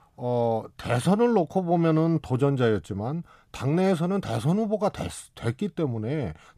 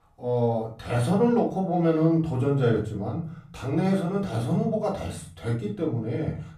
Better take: first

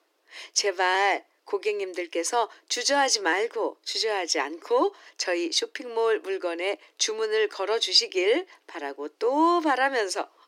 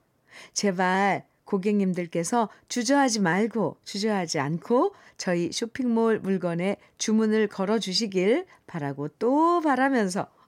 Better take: second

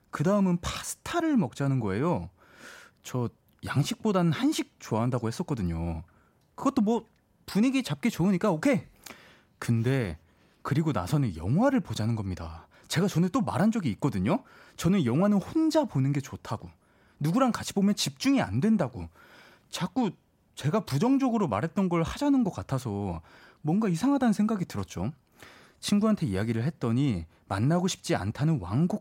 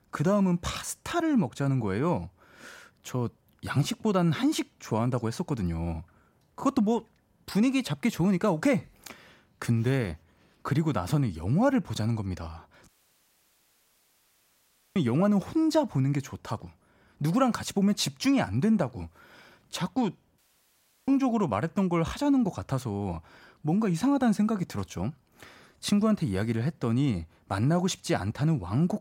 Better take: first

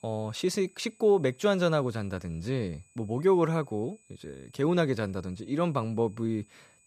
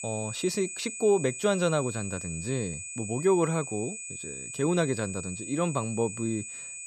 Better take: first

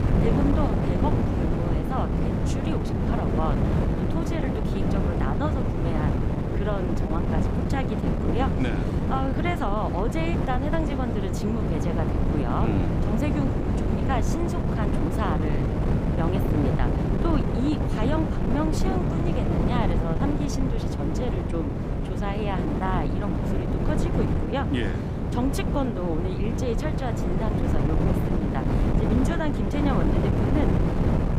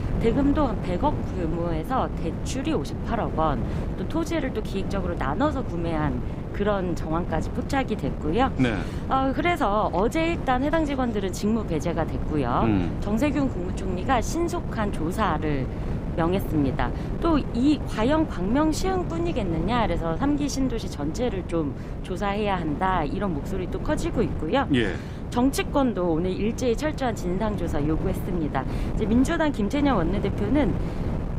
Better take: second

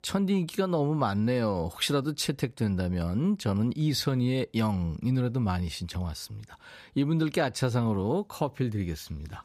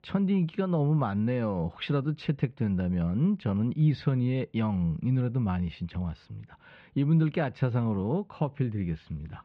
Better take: first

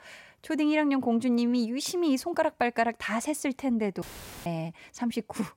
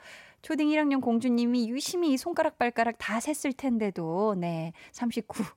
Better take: second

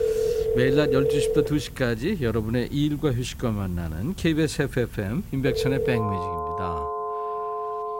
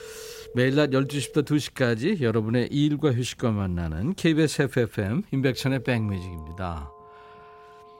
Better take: second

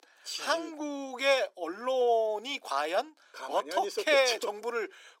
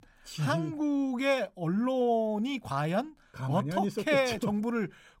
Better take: second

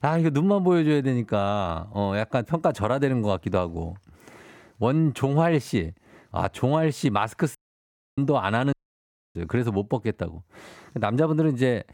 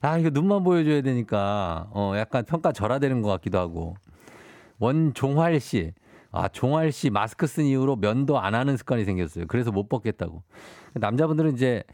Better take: second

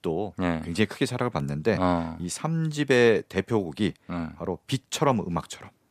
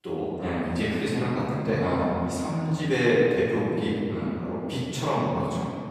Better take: first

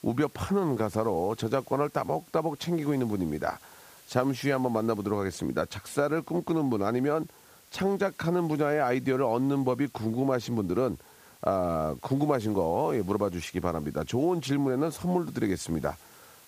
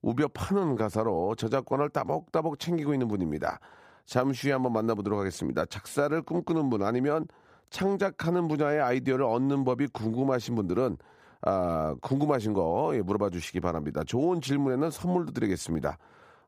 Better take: second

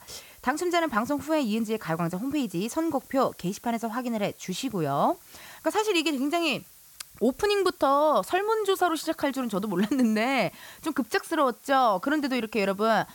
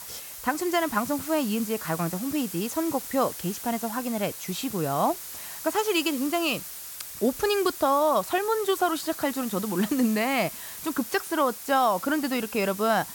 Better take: first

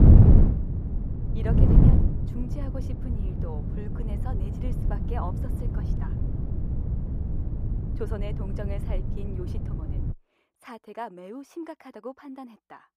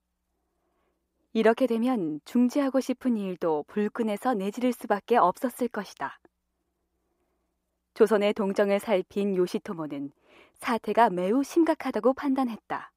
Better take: second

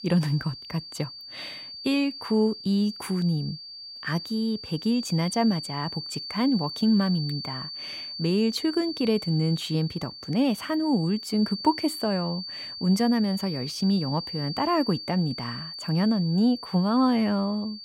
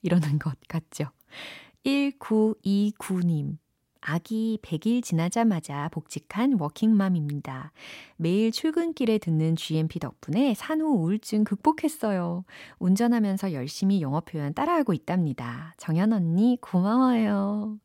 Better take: second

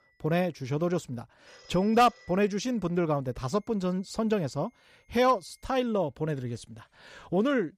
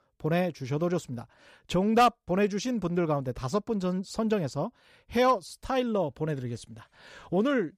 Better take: second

